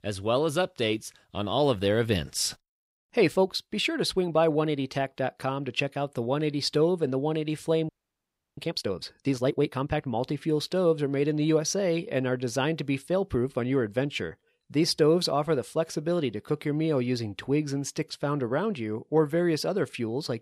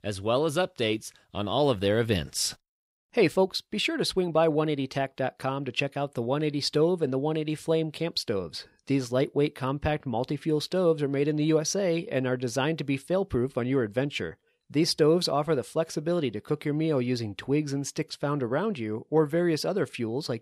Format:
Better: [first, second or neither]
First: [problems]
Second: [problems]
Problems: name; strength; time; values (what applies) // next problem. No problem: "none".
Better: second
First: audio freezing; at 8 s for 0.5 s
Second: none